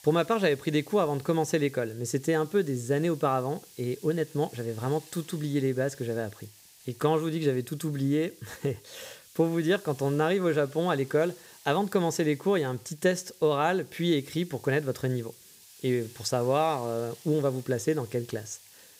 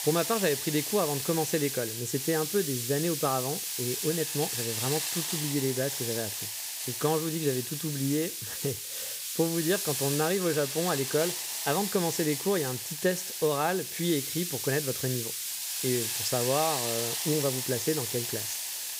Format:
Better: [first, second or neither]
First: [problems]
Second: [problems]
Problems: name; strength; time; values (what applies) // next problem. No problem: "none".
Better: first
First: hiss; faint; throughout; 20 dB below the speech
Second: hiss; loud; throughout; 1 dB below the speech